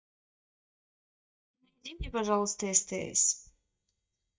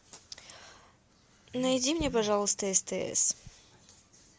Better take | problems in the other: second | noise reduction (neural mask model DeepFilterNet 3)

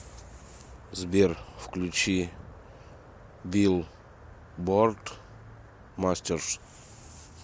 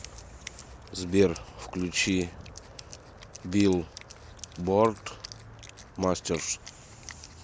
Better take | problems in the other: first | background sound (Wind instrument, woodwind instrument); 19 dB below the speech

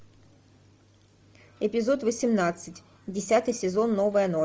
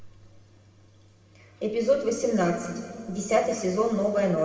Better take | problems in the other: first | room echo; dies away in 2 s

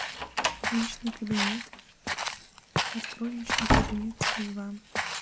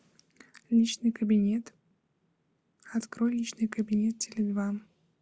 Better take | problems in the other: second | background sound (Slam + Walk, footsteps); 5 dB above the speech

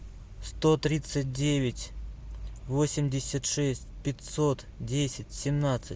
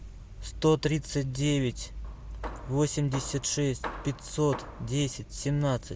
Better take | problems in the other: first | background sound (Hammer); 14 dB below the speech

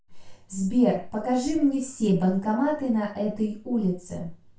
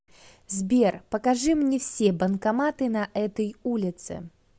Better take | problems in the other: second | room echo; dies away in 0.3 s

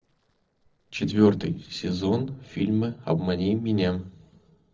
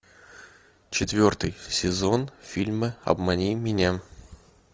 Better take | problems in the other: second | noise reduction (neural separator model SepFormer DNS4)

